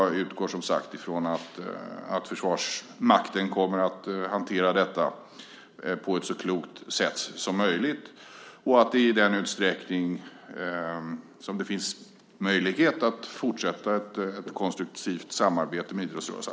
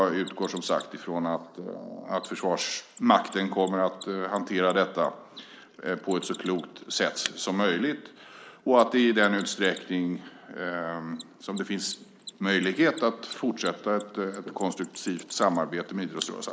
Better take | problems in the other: first | noise reduction (neural mask model Resemble Enhance denoiser)

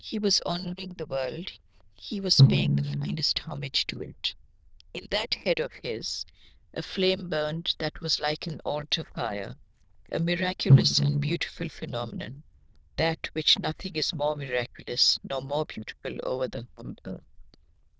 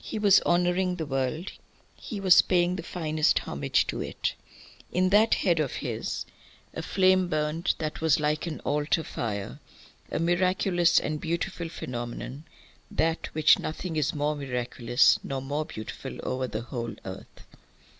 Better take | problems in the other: second | noise reduction (neural diffusion model UNIVERSE++)

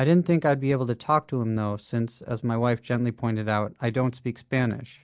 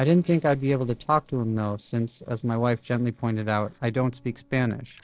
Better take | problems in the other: first | noise reduction (neural separator model SepFormer DNS4)

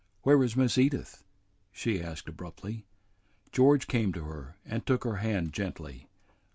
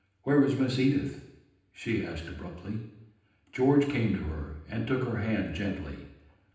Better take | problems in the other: first | room echo; dies away in 0.9 s

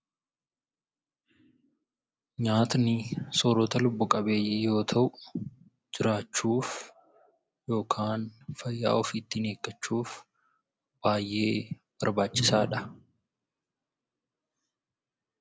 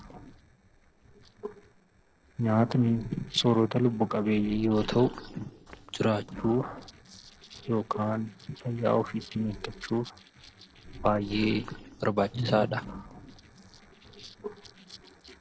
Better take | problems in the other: first | noise reduction (neural separator model SepFormer DNS4)

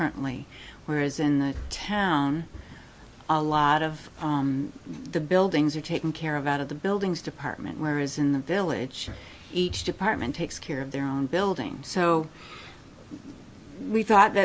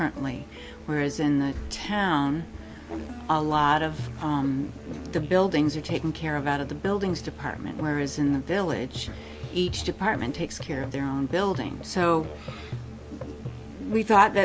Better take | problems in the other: first | background sound (Musical instrument); 12 dB below the speech

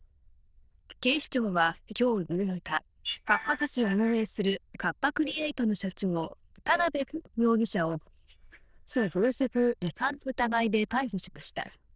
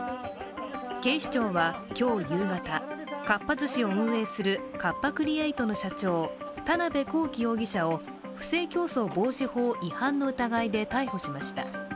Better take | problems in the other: second | noise reduction (neural diffusion model UNIVERSE++)

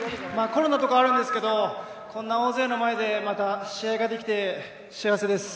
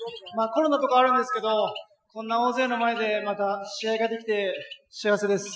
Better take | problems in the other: first | noise reduction (classical method Wiener filter)

